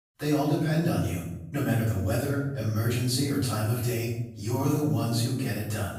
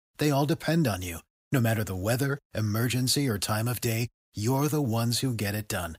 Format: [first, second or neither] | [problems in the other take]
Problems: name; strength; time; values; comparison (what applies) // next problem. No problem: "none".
second | room echo; strong; dies away in 0.9 s // off-mic speech; far